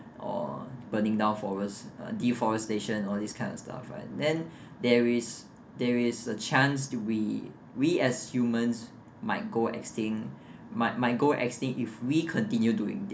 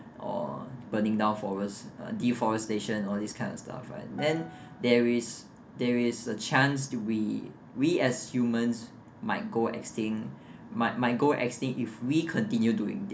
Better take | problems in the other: first | background sound (Piano); 19 dB below the speech

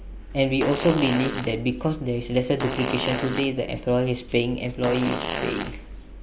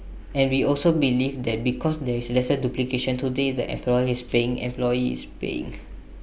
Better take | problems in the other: second | background sound (Fart); 7 dB below the speech

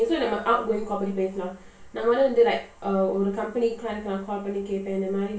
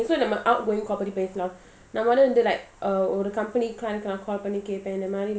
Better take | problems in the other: second | room echo; dies away in 0.3 s

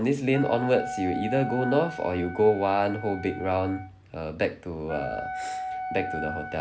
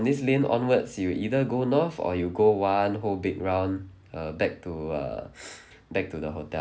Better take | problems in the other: second | background sound (Wind instrument, woodwind instrument); 9 dB below the speech

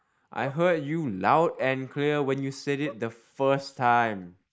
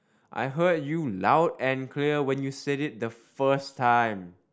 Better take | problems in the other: second | noise reduction (neural mask model Resemble Enhance denoiser)

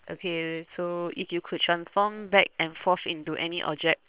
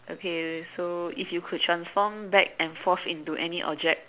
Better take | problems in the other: second | noise reduction (neural separator model SepFormer WHAM!)

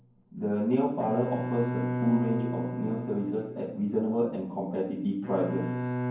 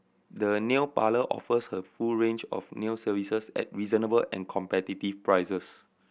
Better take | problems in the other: second | background sound (Bowed string instrument); 5 dB below the speech // room echo; dies away in 0.9 s

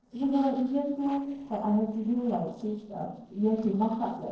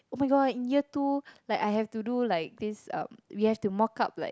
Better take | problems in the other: second | noise reduction (neural separator model SepFormer DNS4)

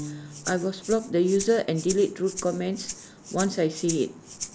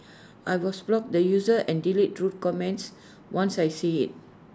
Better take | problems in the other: second | background sound (Rattle (instrument) + Piano); 12 dB below the speech

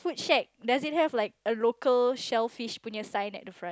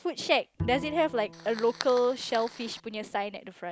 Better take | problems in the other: first | background sound (Fire + Bowed string instrument); 12 dB below the speech

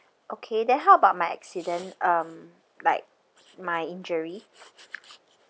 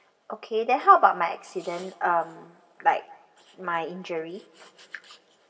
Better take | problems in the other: first | room echo; dies away in 1.4 s

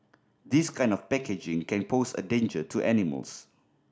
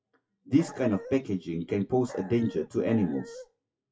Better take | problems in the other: first | noise reduction (classical method WPE with log-MMSE)

